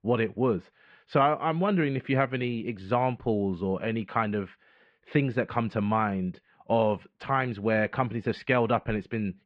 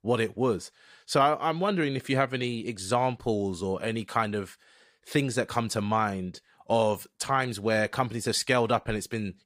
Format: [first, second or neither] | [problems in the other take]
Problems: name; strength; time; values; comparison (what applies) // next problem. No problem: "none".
second | muffled; very; fading above 2.5 kHz